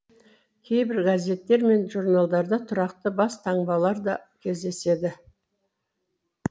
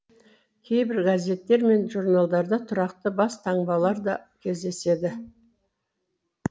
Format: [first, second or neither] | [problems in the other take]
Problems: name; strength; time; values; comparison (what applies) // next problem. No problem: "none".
first | background sound (Brass instrument); 17 dB below the speech